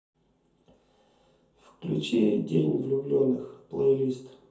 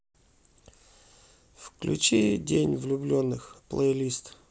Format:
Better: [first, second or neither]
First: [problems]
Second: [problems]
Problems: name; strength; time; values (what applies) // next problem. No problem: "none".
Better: second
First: room echo; dies away in 0.5 s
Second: none